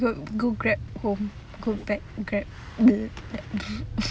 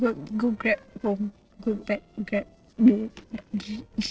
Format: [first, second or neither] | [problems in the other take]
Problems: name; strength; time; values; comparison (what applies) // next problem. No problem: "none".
first | noise reduction (neural separator model SepFormer DNS4)